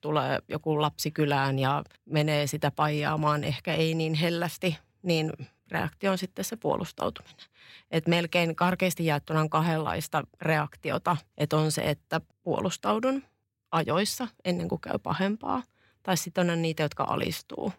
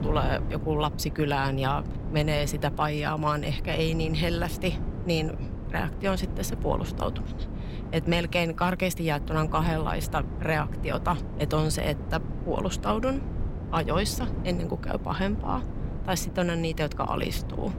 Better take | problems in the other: first | wind noise on the microphone; occasional gusts; 15 dB below the speech

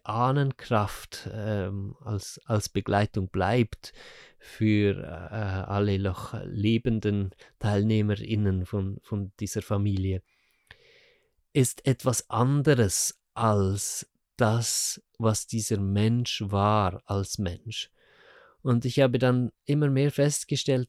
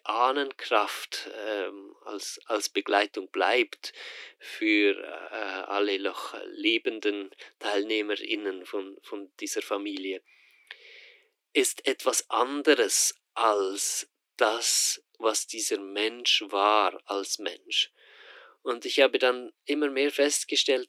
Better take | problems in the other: first | thin; very; fading below 300 Hz

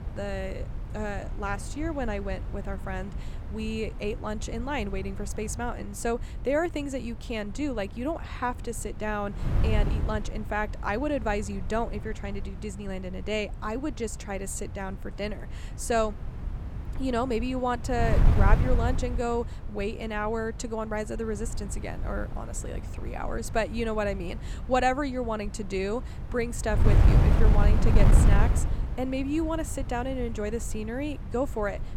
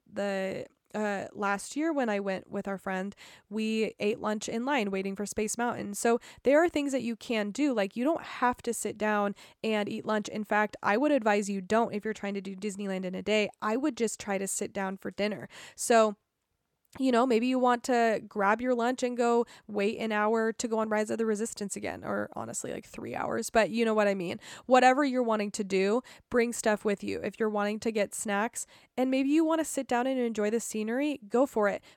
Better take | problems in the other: second | wind noise on the microphone; occasional gusts; 10 dB below the speech

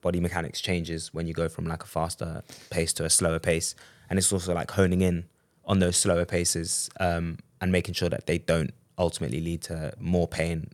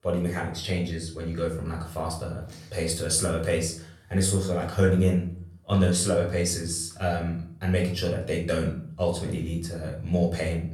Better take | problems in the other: first | room echo; slight; dies away in 0.4 s // off-mic speech; far

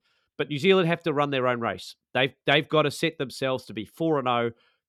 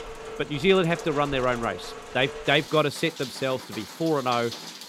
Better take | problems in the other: first | rain or running water; noticeable; throughout; 15 dB below the speech

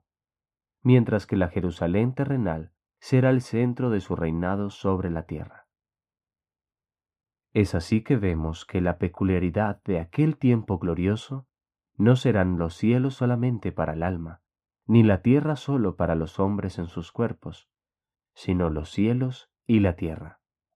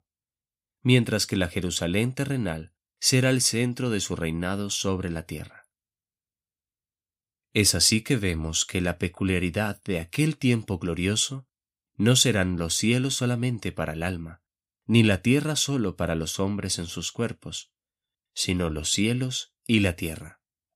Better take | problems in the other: second | muffled; very; fading above 3 kHz

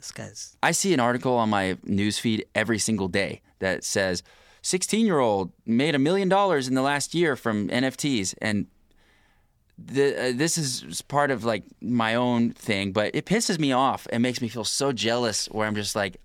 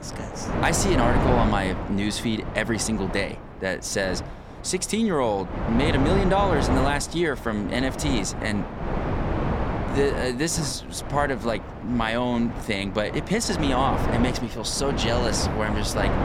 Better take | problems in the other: first | wind noise on the microphone; heavy; 5 dB below the speech

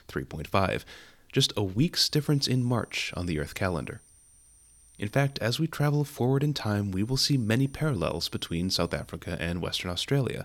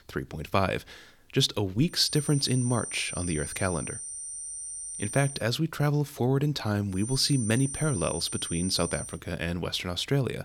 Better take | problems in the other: first | high-pitched whine; loud; from 2 to 5.5 s and from 7 to 9 s; 9 kHz, 7 dB below the speech; faint in the first

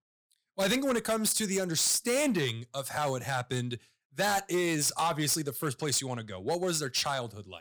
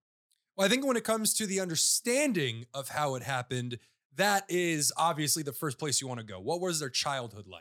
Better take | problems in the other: second | distortion; slight; 7% of the sound clipped

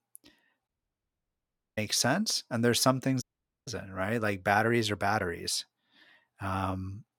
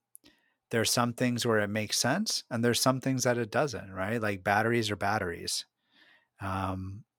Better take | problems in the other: second | audio cutting out; at 0.5 s for 1 s and at 3 s

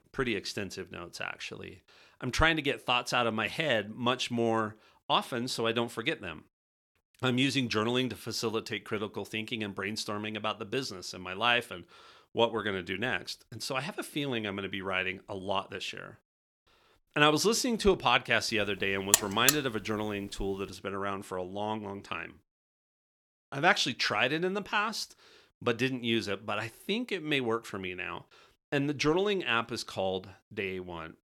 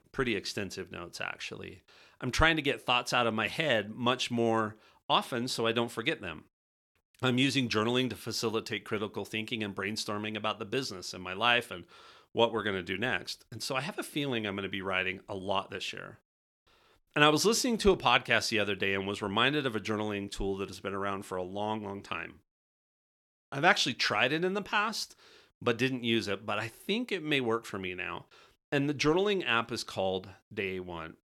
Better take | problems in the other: second | alarm; loud; at 19 s; peak 7 dB above the speech

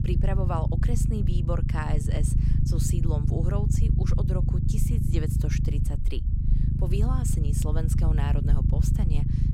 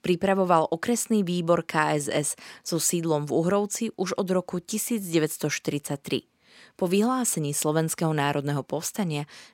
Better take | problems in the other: second | low rumble; loud; throughout; 1 dB below the speech

